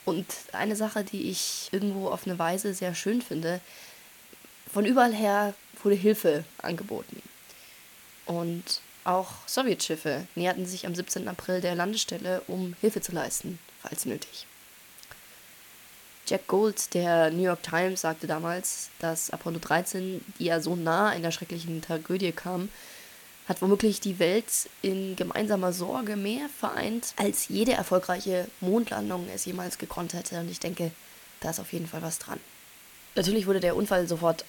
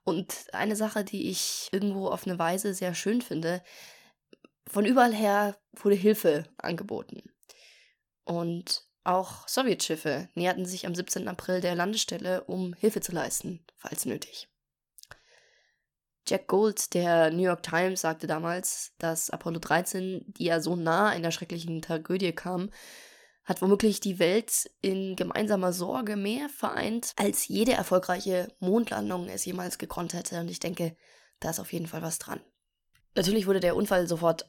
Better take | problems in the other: second | hiss; noticeable; throughout; 20 dB below the speech

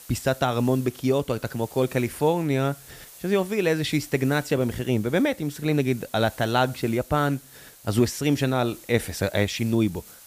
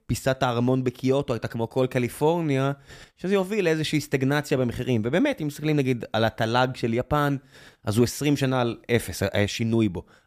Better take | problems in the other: second | hiss; faint; throughout; 20 dB below the speech

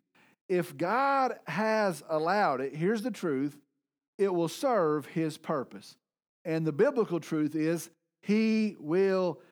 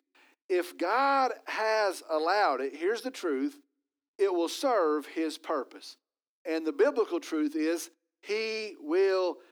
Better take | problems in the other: first | thin; somewhat; fading below 250 Hz

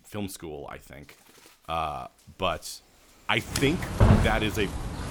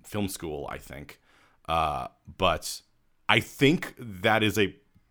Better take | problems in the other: second | animal sounds; very loud; throughout; 4 dB above the speech

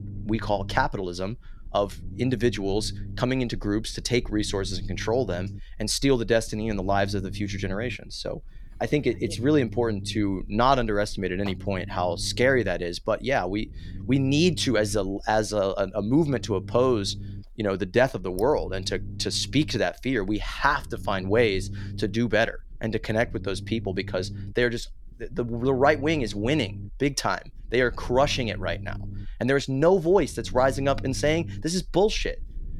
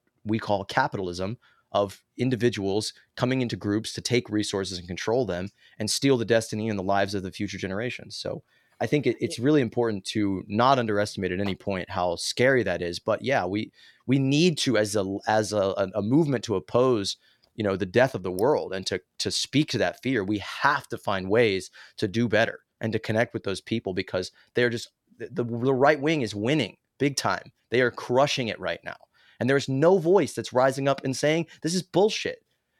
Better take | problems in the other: second | low rumble; faint; throughout; 25 dB below the speech

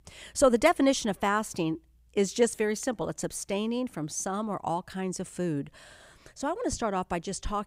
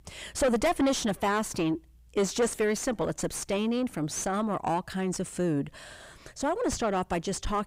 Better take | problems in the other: first | distortion; heavy; 6 dB below the speech

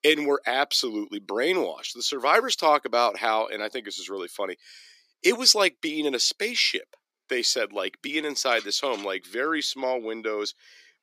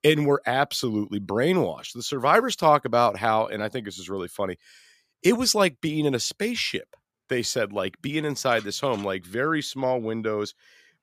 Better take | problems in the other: second | thin; very slightly; fading below 300 Hz

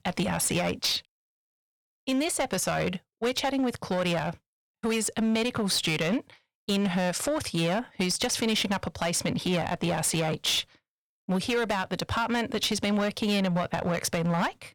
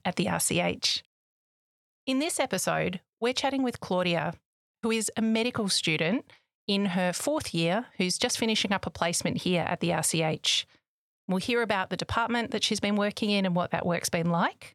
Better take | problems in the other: second | distortion; slight; 11% of the sound clipped

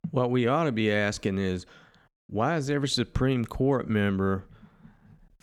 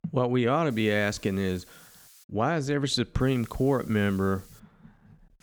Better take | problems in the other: first | hiss; faint; from 0.5 to 2 s and from 3 to 4.5 s; 25 dB below the speech

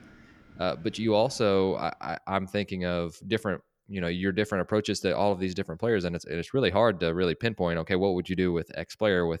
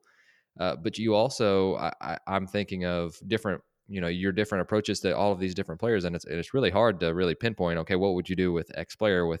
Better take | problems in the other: second | wind in the background; faint; until 2 s; 25 dB below the speech

